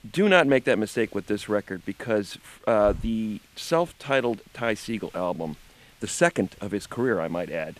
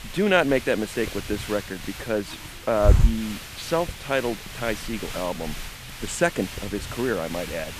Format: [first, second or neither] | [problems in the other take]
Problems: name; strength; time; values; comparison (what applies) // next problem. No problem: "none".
first | hiss; loud; throughout; 5 dB below the speech; faint in the first